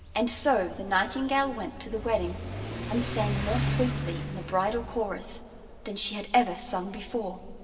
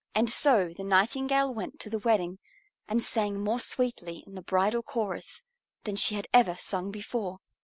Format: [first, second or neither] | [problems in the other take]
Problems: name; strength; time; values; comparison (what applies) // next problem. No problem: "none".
second | background sound (Accelerating, revving, vroom / Car); 6 dB below the speech // room echo; dies away in 2.5 s